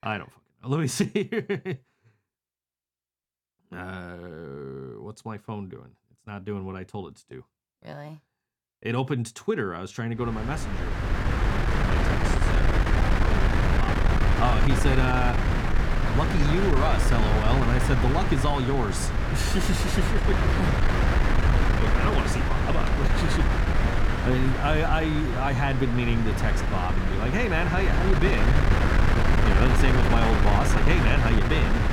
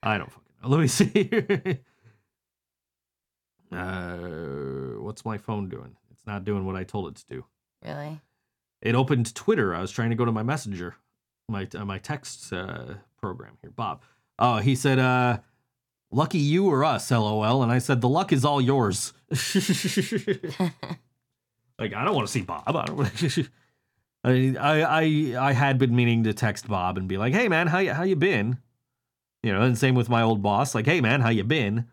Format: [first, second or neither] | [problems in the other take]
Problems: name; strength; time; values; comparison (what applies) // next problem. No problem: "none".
second | wind noise on the microphone; heavy; from 10 s on; 1 dB above the speech